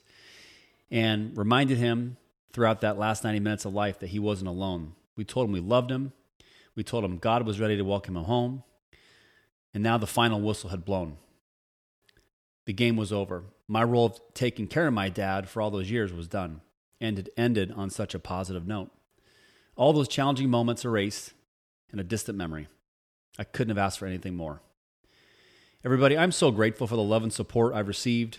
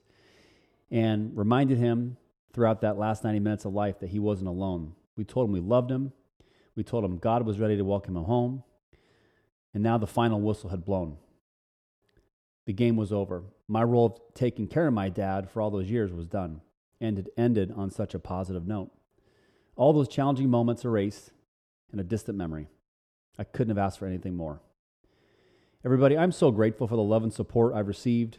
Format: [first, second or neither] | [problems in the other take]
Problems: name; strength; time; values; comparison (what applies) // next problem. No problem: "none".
first | muffled; slightly; fading above 1 kHz